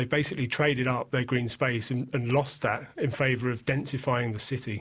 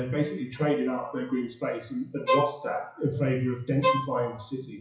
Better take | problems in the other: first | noise reduction (classical method WPE with log-MMSE)

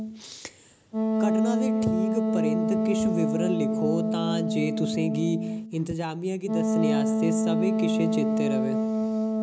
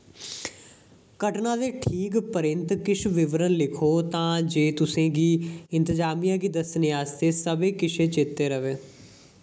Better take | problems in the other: second | background sound (Wind instrument, woodwind instrument); 5 dB above the speech

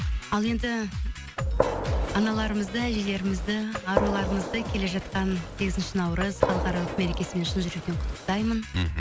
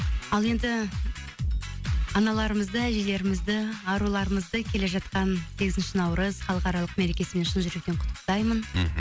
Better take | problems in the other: second | background sound (Gunshot, gunfire); 5 dB below the speech

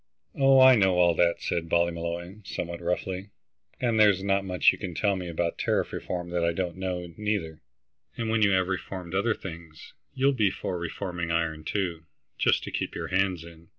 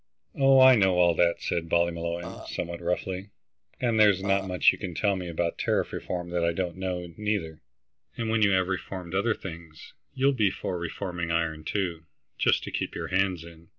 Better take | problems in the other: first | background sound (Burping, eructation); 14 dB below the speech

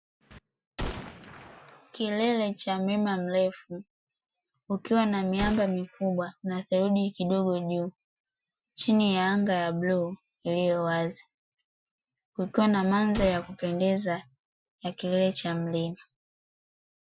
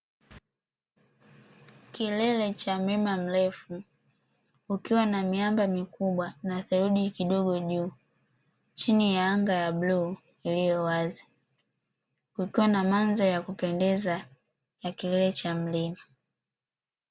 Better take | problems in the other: second | noise reduction (classical method Wiener filter)

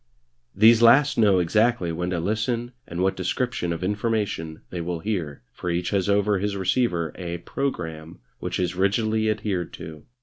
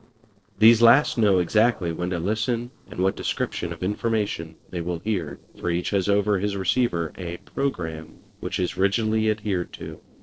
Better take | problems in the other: first | noise reduction (neural separator model SepFormer DNS4)

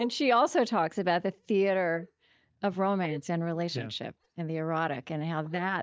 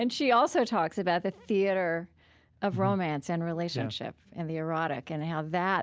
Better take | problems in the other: second | noise reduction (neural mask model DeepFilterNet 3)

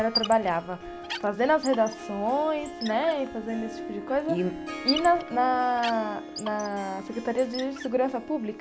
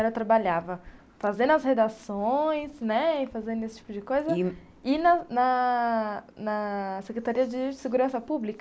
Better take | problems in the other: second | background sound (Squeak + Harp); 9 dB below the speech

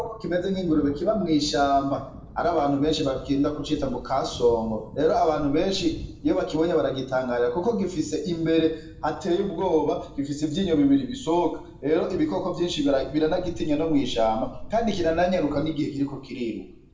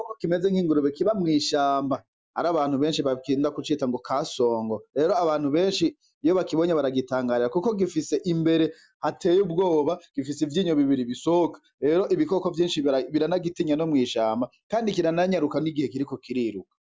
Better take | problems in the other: second | background sound (Thunder); 15 dB below the speech // room echo; dies away in 0.6 s

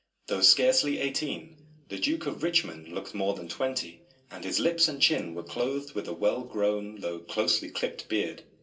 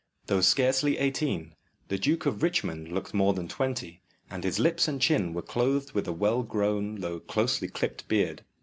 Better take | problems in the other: second | room echo; dies away in 0.2 s

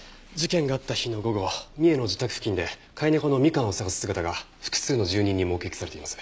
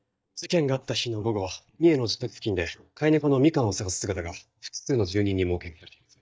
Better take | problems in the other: first | noise reduction (neural mask model DeepFilterNet 3)

